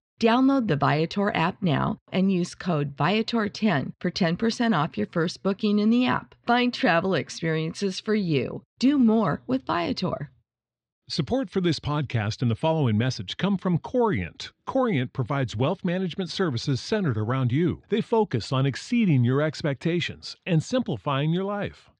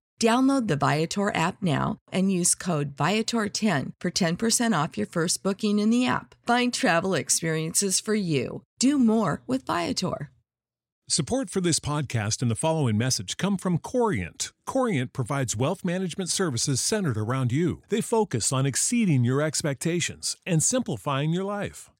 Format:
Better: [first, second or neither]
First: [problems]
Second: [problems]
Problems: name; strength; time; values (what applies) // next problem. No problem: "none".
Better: second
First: muffled; slightly; fading above 4 kHz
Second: none